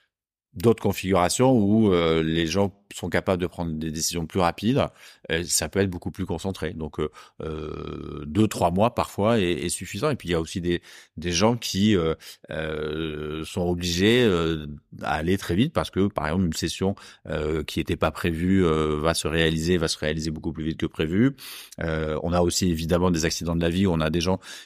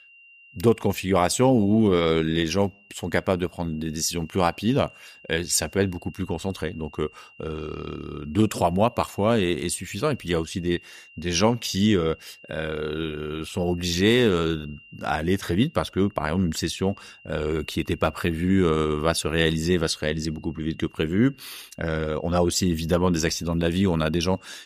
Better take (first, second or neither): first